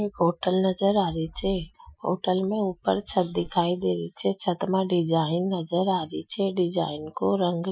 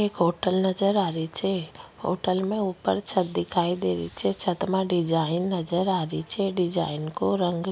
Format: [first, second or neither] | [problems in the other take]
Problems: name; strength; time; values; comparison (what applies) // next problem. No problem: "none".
second | noise reduction (classical method Wiener filter)